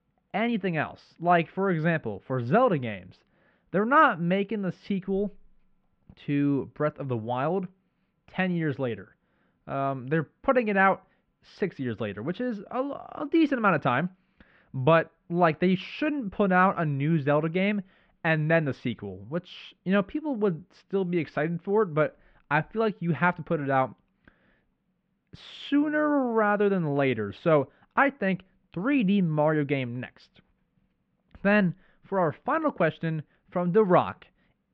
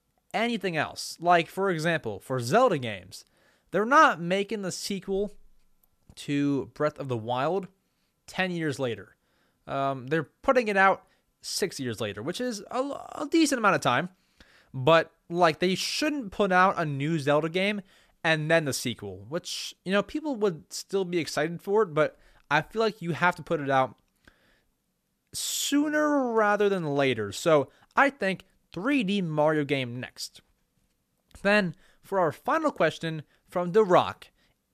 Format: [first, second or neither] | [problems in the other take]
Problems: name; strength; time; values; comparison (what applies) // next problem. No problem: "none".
second | muffled; very; fading above 3 kHz